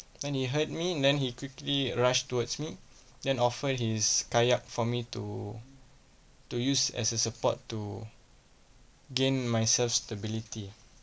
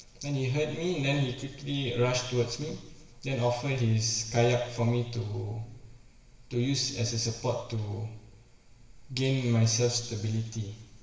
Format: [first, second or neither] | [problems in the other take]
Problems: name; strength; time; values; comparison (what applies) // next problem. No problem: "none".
first | room echo; dies away in 1 s